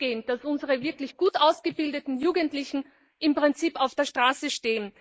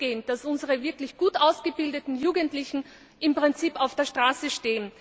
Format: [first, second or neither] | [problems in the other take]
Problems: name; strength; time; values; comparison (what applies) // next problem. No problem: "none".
second | noise reduction (neural mask model Resemble Enhance denoiser)